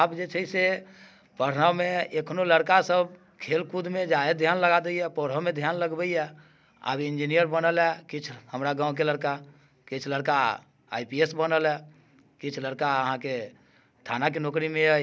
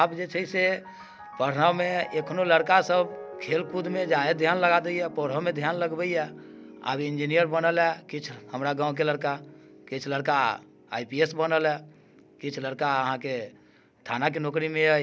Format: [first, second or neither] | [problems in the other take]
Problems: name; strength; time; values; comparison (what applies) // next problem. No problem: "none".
first | background sound (Piano); 18 dB below the speech